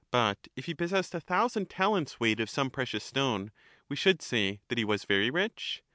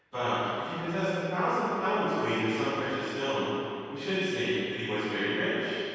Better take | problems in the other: first | room echo; dies away in 2.2 s

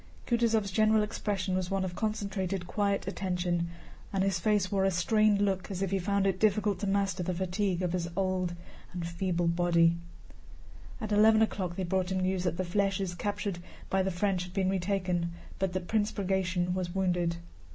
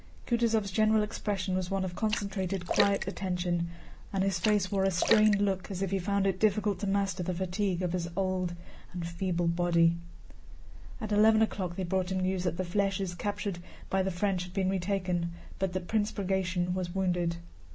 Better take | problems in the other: first | background sound (Splash, splatter); 8 dB below the speech

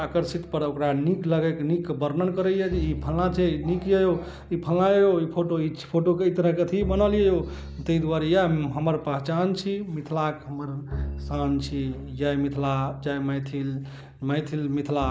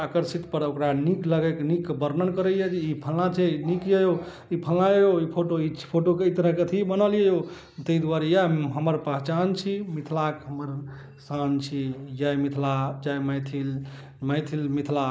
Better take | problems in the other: second | background sound (Bowed string instrument); 14 dB below the speech

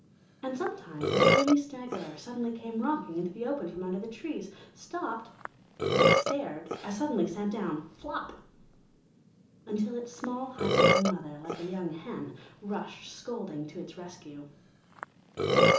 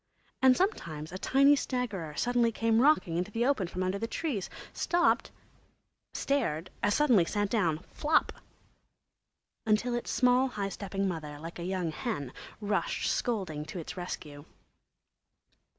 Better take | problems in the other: second | background sound (Burping, eructation); 3 dB above the speech // room echo; dies away in 1.2 s

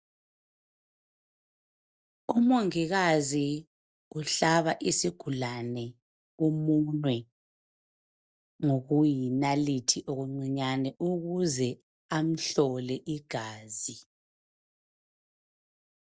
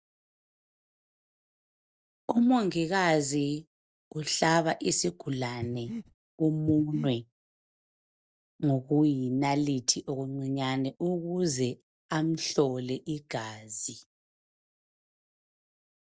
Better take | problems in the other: first | background sound (Breathing); 8 dB below the speech

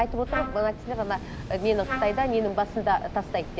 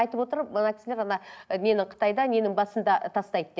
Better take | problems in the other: second | background sound (Waves, surf + Trumpet); 8 dB below the speech

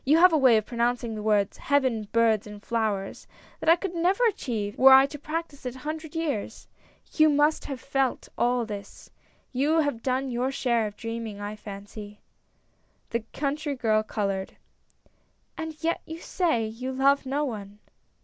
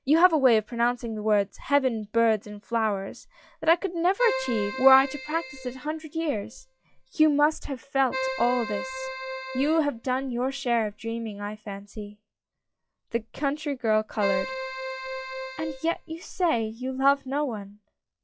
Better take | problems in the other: first | noise reduction (classical method log-MMSE)

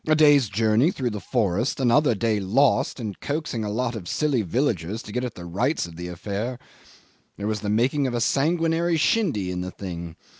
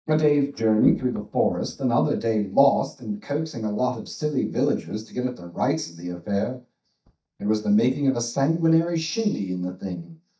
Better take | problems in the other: first | noise reduction (neural mask model DeepFilterNet 3)

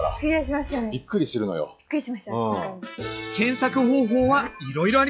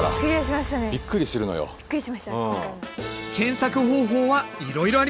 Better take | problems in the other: second | noise reduction (classical method log-MMSE)

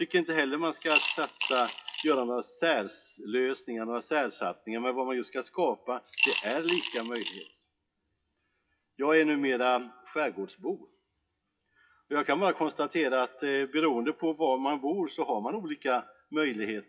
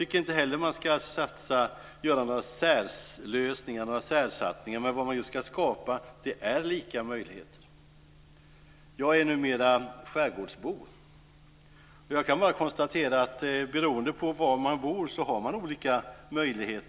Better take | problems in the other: second | noise reduction (classical method WPE with log-MMSE)

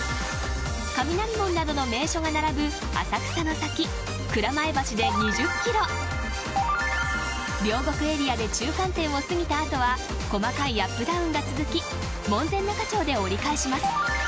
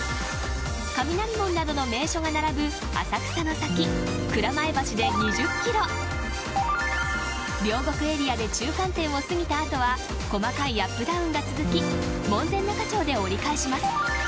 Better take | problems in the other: first | background sound (Guitar); 10 dB below the speech

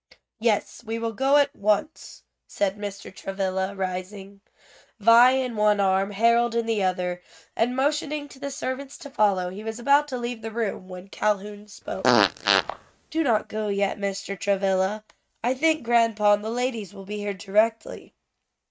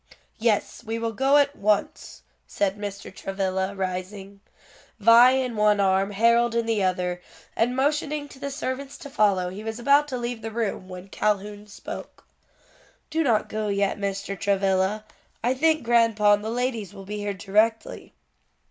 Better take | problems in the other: second | noise reduction (neural mask model RNNoise)

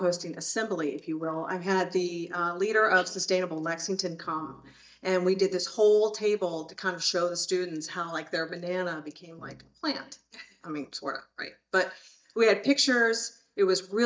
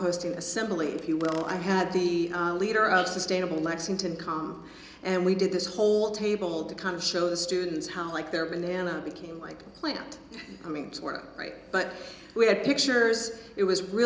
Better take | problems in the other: second | noise reduction (neural mask model DeepFilterNet 3)

